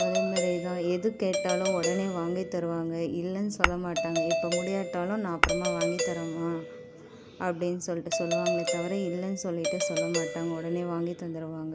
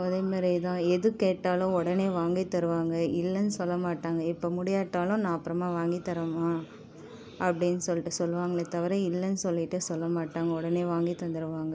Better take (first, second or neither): second